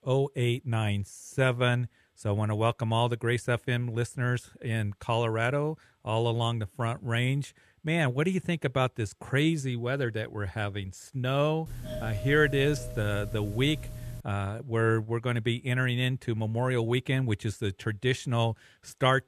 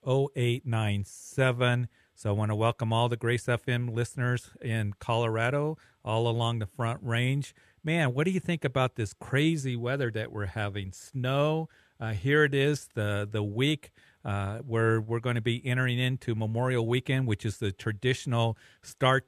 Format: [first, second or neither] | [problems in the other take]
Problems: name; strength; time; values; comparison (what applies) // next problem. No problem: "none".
second | doorbell; noticeable; from 12 to 14 s; peak 9 dB below the speech